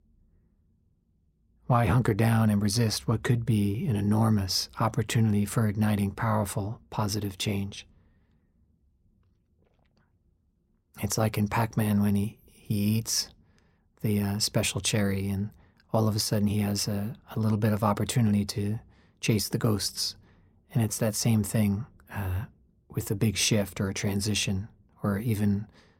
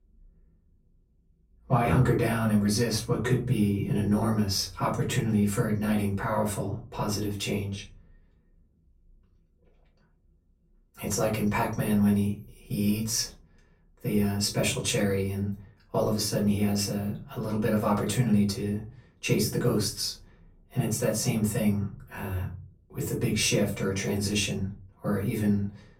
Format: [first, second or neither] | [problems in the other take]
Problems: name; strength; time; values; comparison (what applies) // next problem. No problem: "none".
first | off-mic speech; far // room echo; very slight; dies away in 0.3 s